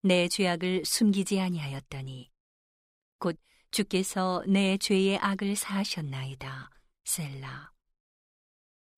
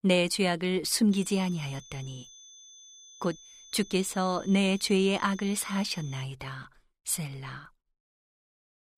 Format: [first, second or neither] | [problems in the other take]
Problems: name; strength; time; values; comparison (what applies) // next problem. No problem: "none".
first | high-pitched whine; faint; from 1 to 6 s; 6 kHz, 20 dB below the speech